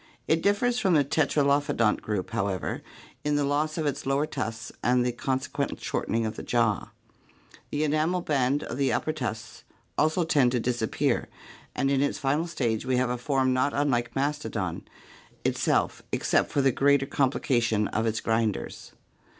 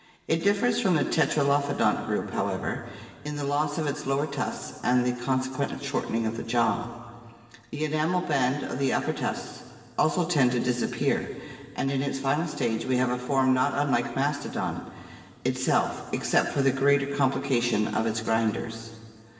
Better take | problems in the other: first | room echo; dies away in 2.1 s

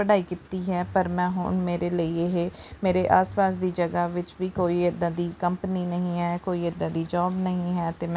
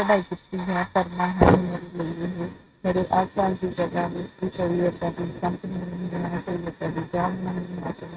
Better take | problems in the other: first | noise reduction (neural mask model RNNoise)

